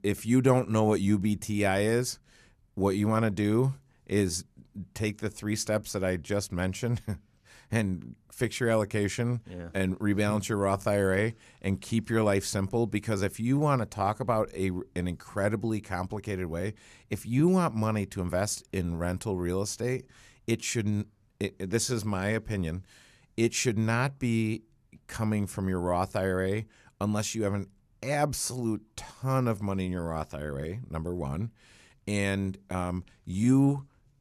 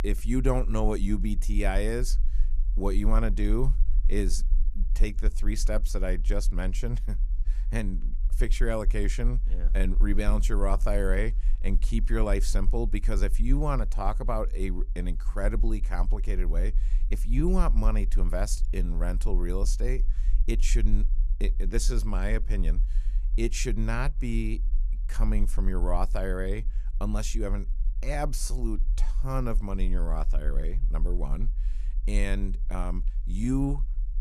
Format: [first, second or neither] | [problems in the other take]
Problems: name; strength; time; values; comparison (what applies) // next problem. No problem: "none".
first | low rumble; faint; throughout; 20 dB below the speech